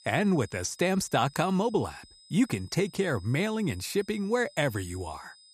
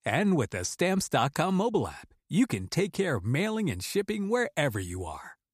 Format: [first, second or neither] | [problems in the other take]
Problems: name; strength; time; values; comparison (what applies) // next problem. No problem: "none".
second | high-pitched whine; faint; throughout; 5 kHz, 25 dB below the speech